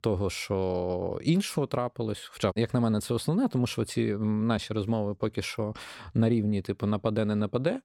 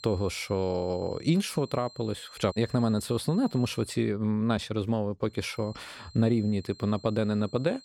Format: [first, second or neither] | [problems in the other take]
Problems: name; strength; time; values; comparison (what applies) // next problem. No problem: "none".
first | high-pitched whine; faint; until 4 s and from 5.5 s on; 4 kHz, 20 dB below the speech